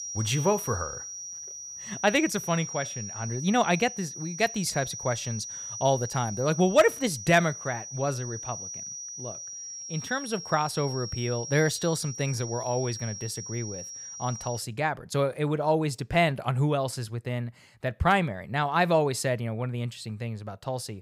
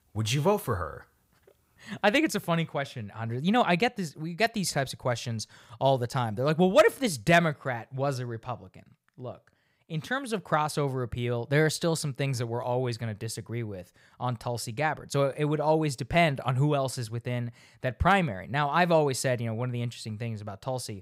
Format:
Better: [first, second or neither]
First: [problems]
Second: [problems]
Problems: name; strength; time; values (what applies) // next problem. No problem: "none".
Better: second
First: high-pitched whine; loud; until 15 s; 6 kHz, 8 dB below the speech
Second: none